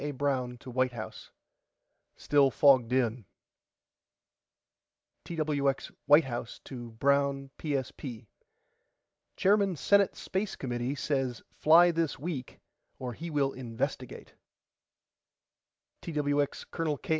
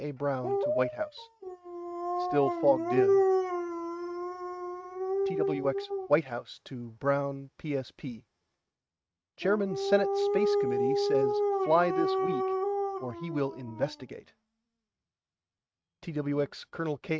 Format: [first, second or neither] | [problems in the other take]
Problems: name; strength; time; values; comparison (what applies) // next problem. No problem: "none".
first | noise reduction (neural mask model RNNoise)